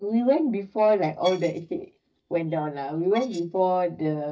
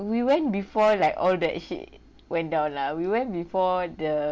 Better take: second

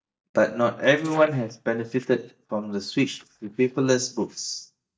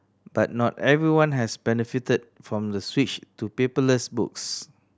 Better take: second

